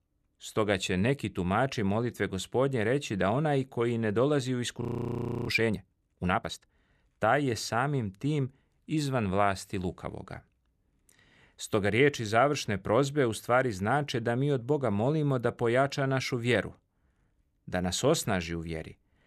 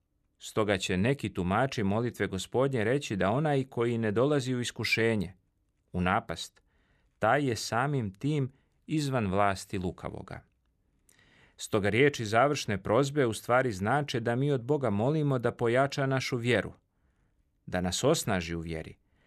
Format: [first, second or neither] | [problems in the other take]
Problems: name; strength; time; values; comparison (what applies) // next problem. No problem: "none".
second | audio freezing; at 5 s for 0.5 s